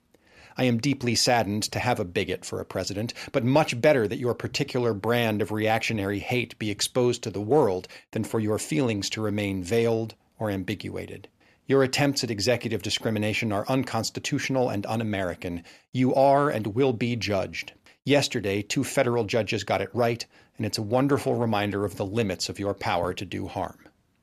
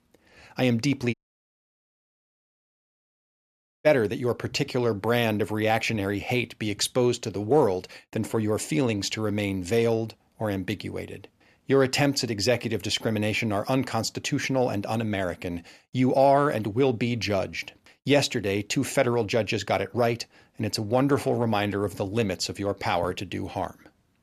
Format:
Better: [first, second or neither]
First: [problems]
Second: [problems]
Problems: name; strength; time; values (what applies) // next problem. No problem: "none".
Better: first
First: none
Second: audio cutting out; at 1 s for 2.5 s